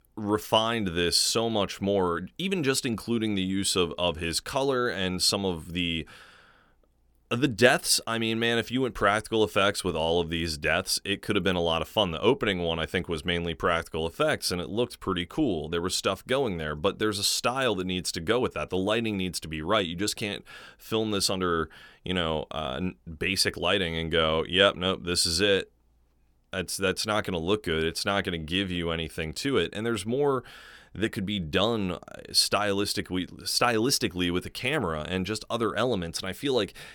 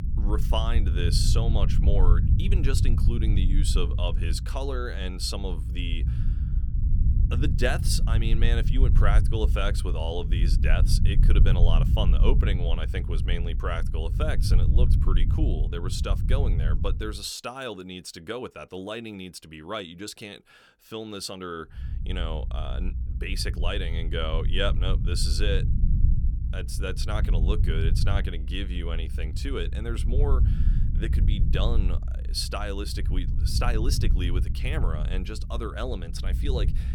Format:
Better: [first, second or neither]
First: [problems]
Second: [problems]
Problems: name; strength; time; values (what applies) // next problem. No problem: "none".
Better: first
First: none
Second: low rumble; loud; until 17 s and from 22 s on; 9 dB below the speech